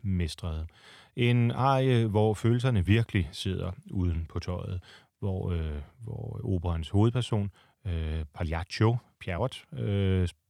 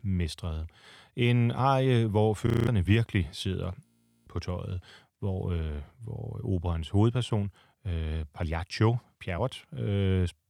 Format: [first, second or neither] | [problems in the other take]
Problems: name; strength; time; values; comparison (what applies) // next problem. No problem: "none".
first | audio freezing; at 2.5 s and at 4 s